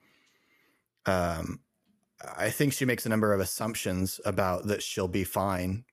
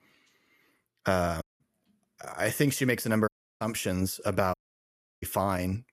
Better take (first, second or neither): first